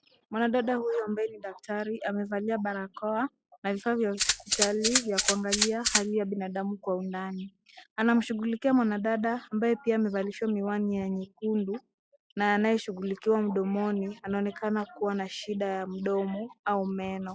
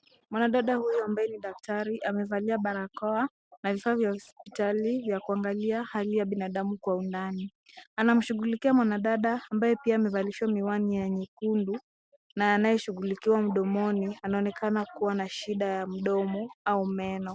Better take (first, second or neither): second